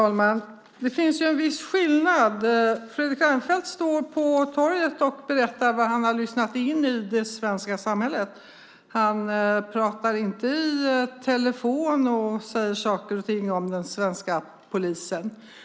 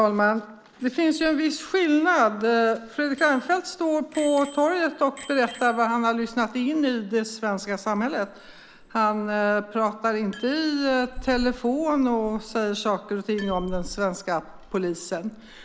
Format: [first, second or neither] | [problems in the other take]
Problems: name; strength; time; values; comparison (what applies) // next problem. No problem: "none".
first | background sound (Bicycle bell); 19 dB below the speech